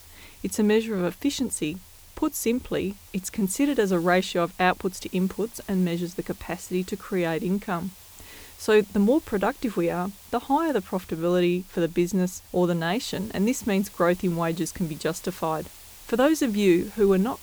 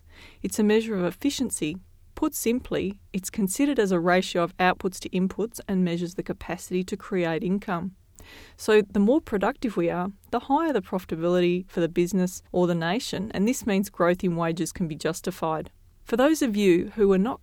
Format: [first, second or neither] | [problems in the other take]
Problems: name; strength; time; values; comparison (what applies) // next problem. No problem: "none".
second | hiss; noticeable; throughout; 20 dB below the speech